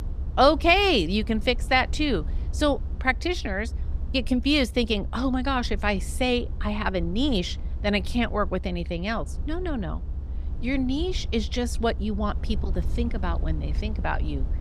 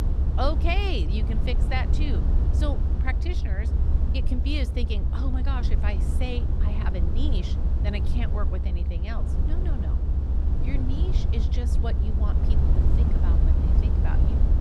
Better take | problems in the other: first | low rumble; loud; throughout; 4 dB below the speech; faint in the first

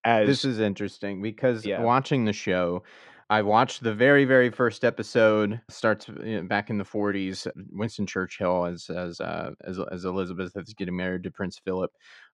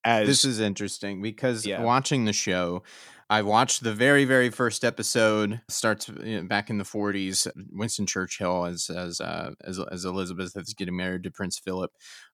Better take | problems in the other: second | muffled; slightly; fading above 2.5 kHz

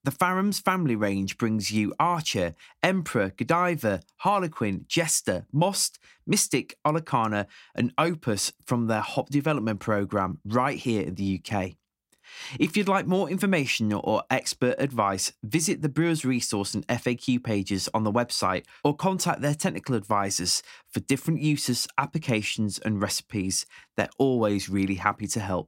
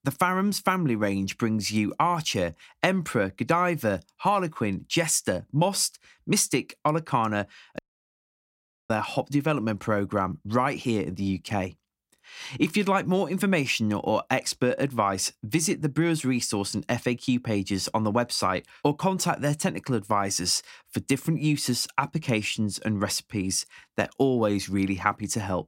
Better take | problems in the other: first | audio cutting out; at 8 s for 1 s

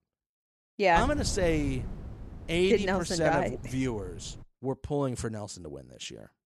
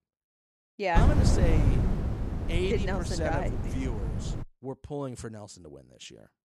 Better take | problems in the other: first | wind noise on the microphone; heavy; from 1 to 4.5 s; 5 dB below the speech; occasional gusts in the first

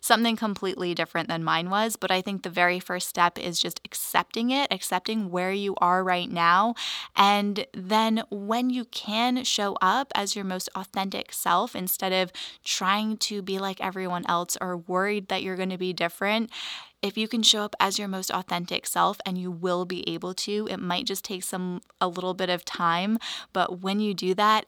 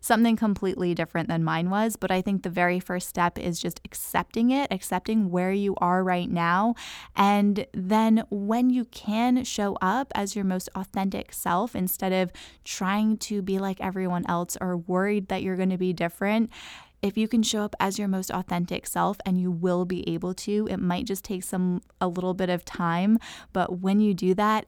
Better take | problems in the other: second | thin; very slightly; fading below 850 Hz

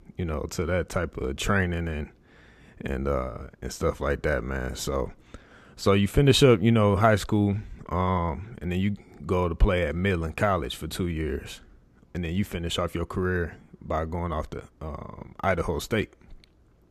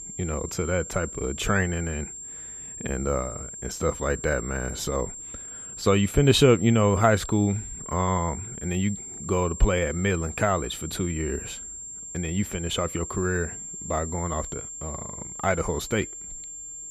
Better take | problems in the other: first | high-pitched whine; loud; throughout; 7.5 kHz, 10 dB below the speech

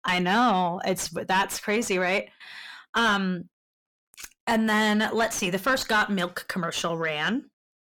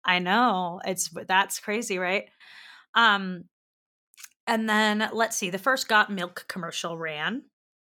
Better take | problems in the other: second | distortion; heavy; 6 dB below the speech

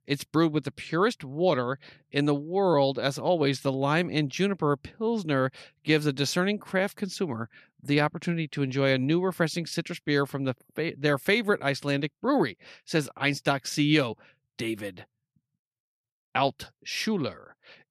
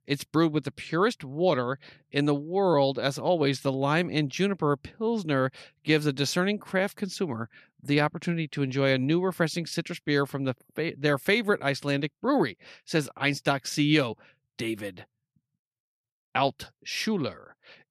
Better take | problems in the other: neither | none

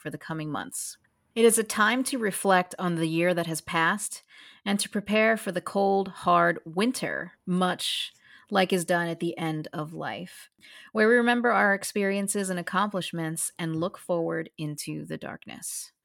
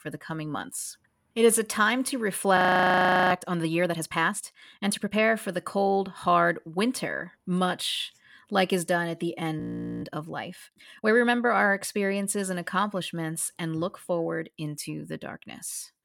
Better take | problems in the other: first | audio freezing; at 2.5 s for 0.5 s and at 9.5 s

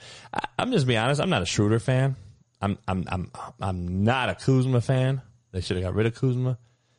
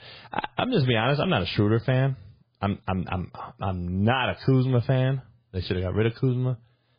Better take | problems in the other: first | garbled, watery; badly; slightly in the first

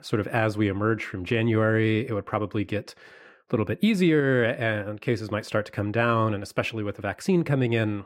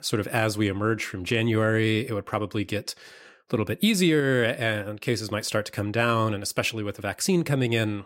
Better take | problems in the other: second | muffled; slightly; fading above 3.5 kHz

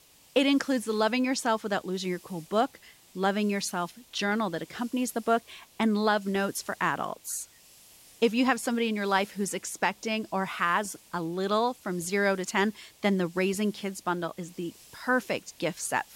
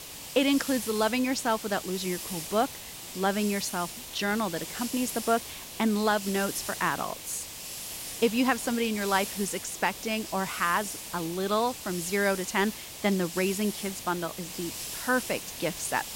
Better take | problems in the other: first | hiss; loud; throughout; 8 dB below the speech; faint in the first

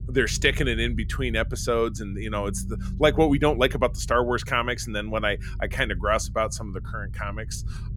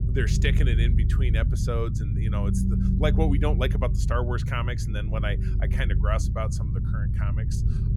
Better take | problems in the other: first | low rumble; loud; throughout; 7 dB below the speech; faint in the first

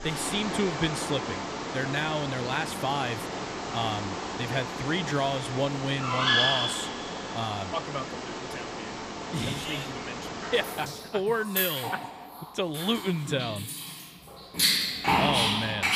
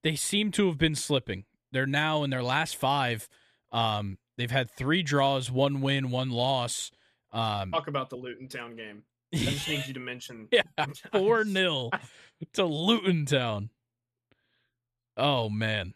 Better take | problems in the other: second | animal sounds; very loud; throughout; 1 dB above the speech

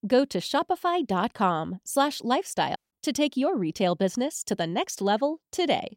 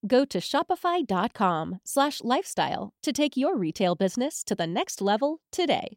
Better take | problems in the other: second | audio cutting out; at 3 s

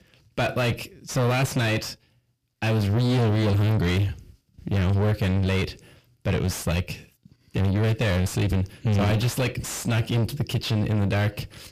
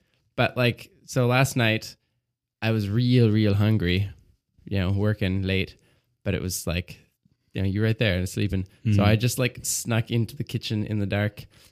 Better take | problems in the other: second | distortion; heavy; 5 dB below the speech

